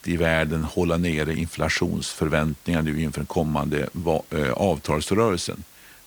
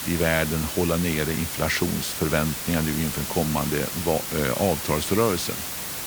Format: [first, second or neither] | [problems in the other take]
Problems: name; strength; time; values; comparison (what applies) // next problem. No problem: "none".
first | hiss; loud; throughout; 4 dB below the speech; faint in the first